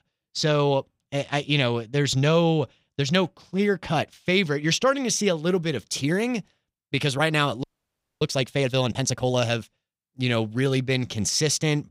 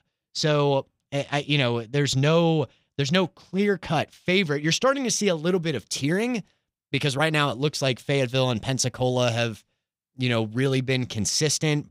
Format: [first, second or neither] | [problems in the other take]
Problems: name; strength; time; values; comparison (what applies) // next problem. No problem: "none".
second | audio freezing; at 7.5 s for 0.5 s